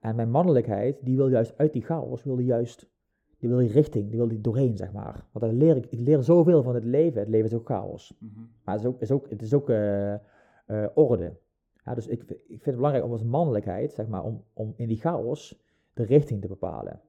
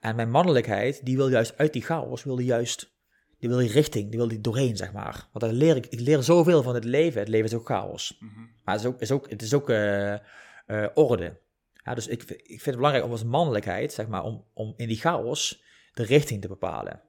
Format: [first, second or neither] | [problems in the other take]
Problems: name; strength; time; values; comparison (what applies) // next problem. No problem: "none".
second | muffled; very; fading above 1 kHz